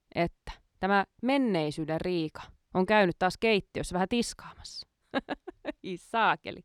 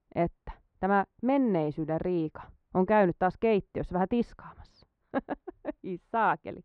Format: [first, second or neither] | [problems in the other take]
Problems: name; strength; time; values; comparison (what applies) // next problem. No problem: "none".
first | muffled; very; fading above 3.5 kHz